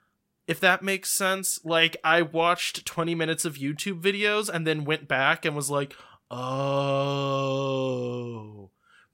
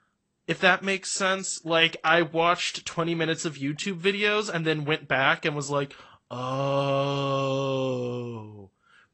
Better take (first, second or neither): first